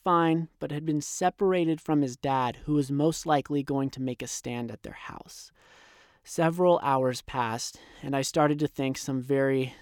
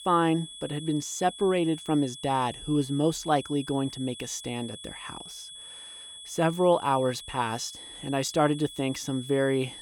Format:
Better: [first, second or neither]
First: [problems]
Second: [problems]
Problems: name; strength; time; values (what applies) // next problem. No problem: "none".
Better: first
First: none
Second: high-pitched whine; noticeable; throughout; 3.5 kHz, 15 dB below the speech